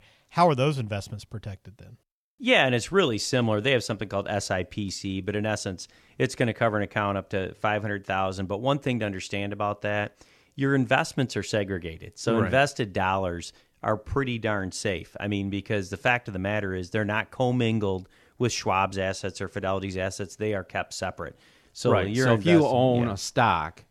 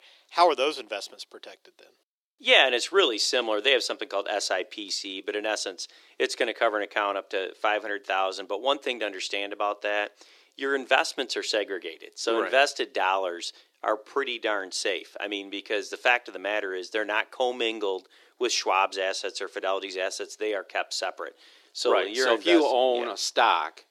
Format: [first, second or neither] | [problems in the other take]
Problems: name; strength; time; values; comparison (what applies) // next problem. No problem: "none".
first | thin; very; fading below 350 Hz